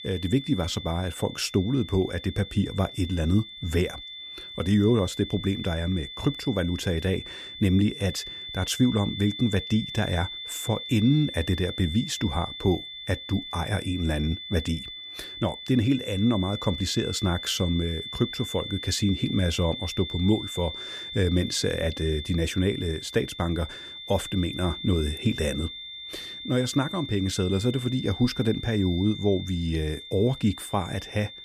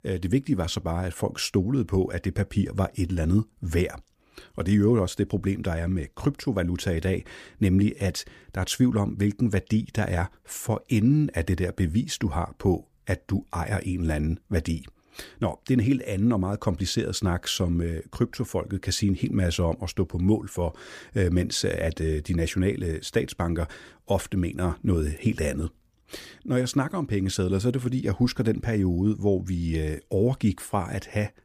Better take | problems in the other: second | high-pitched whine; loud; throughout; 3.5 kHz, 9 dB below the speech

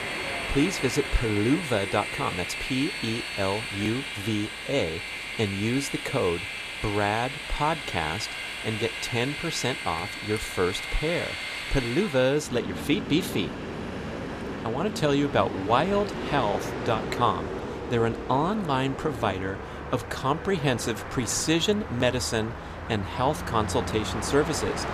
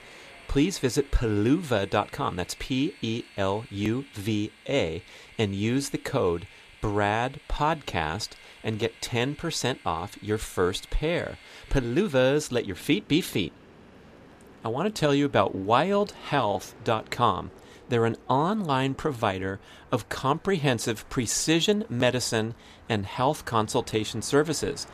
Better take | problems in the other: second | train or aircraft noise; loud; throughout; 5 dB below the speech; faint in the second

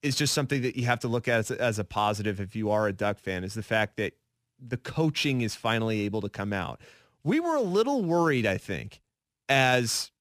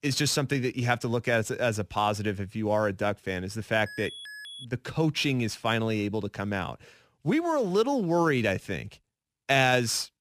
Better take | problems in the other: first | alarm; faint; at 4 s; peak 10 dB below the speech

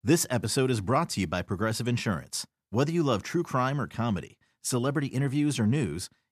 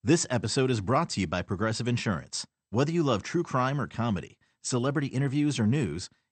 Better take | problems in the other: first | garbled, watery; slightly; nothing above 8.5 kHz

